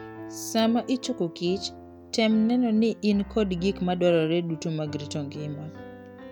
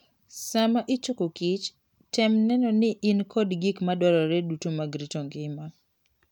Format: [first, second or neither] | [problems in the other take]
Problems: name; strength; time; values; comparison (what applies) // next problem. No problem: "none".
second | background sound (Piano); 15 dB below the speech